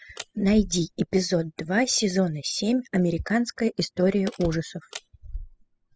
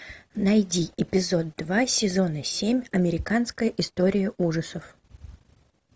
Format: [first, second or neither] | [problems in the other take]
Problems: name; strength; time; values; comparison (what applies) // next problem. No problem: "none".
second | noise reduction (classical method spectral subtraction)